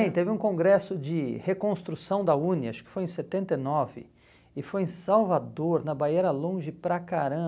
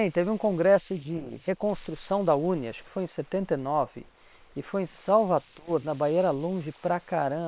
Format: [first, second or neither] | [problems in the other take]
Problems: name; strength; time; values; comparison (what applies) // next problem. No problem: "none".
first | noise reduction (neural separator model SepFormer WHAM!)